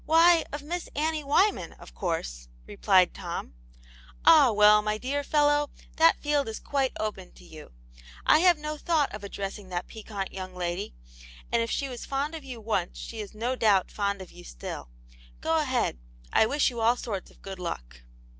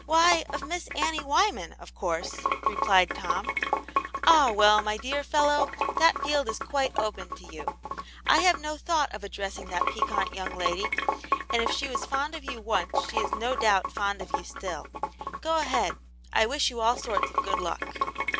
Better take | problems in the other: first | background sound (Sink (filling or washing) / Water); 4 dB below the speech

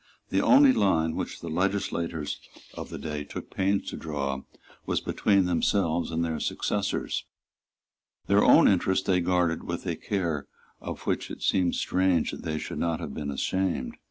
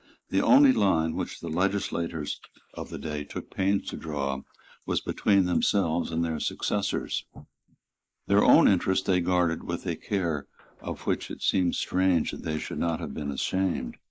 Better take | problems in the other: first | noise reduction (neural mask model Resemble Enhance denoiser)

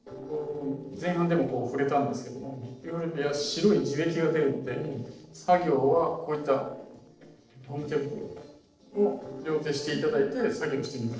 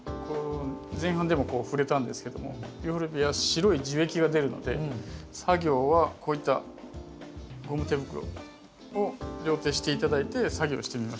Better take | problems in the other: second | noise reduction (neural separator model SepFormer DNS4)

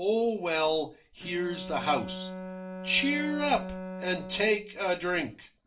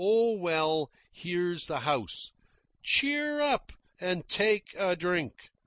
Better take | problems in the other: second | background sound (Bowed string instrument); 11 dB below the speech // room echo; dies away in 0.2 s

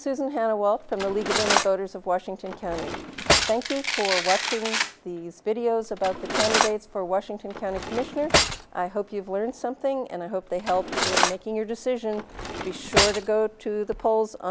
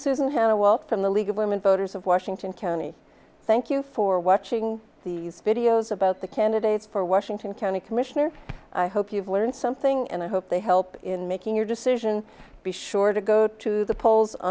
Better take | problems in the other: second | background sound (Domestic sounds, home sounds + Cutlery, silverware); 1 dB below the speech

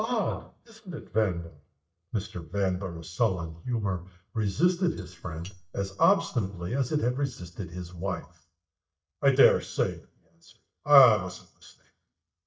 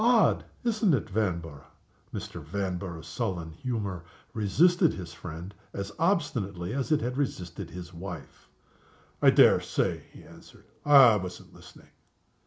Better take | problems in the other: second | noise reduction (neural mask model DeepFilterNet 3)

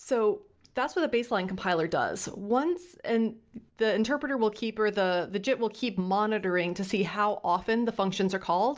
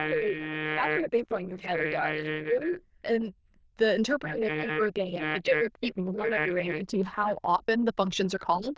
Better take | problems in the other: first | noise reduction (neural diffusion model UNIVERSE++)

